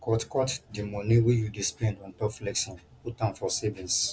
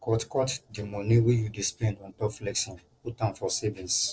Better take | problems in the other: first | noise reduction (neural separator model SepFormer DNS4)

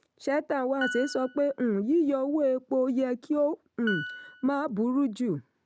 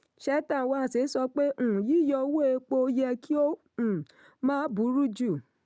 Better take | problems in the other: second | background sound (Piano); 11 dB below the speech

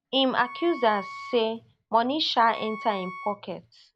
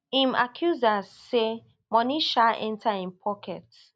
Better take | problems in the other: second | background sound (Wind instrument, woodwind instrument); 15 dB below the speech

